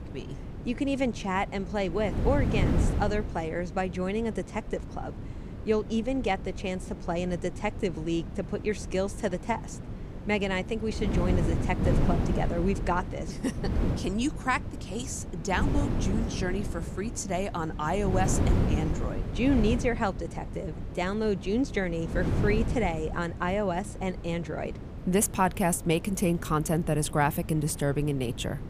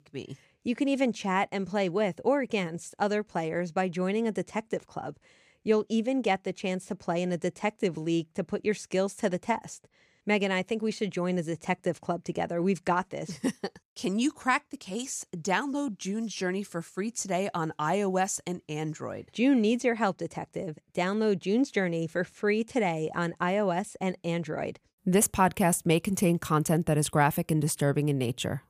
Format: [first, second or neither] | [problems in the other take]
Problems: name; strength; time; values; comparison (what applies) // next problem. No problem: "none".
second | wind noise on the microphone; heavy; 10 dB below the speech